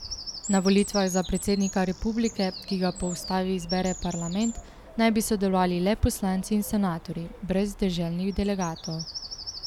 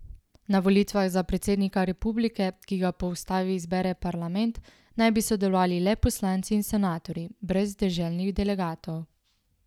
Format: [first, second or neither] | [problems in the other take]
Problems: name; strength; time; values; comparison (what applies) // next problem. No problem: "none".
second | background sound (Bird vocalization, bird call, bird song); 13 dB below the speech